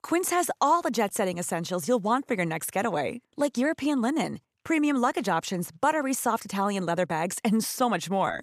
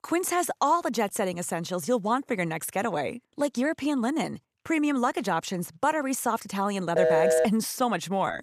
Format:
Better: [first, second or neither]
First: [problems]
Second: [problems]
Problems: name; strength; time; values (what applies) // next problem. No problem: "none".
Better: first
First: none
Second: phone ringing; loud; at 7 s; peak 6 dB above the speech